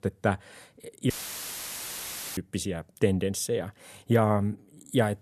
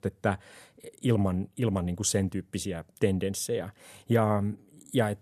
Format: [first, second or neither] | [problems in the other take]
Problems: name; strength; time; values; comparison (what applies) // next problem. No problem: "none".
second | audio cutting out; filled with static; at 1 s for 1.5 s